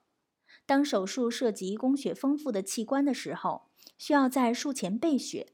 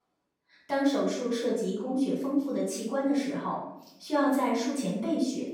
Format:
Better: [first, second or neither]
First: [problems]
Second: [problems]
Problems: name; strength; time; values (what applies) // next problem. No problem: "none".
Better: first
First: none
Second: off-mic speech; far // room echo; noticeable; dies away in 0.7 s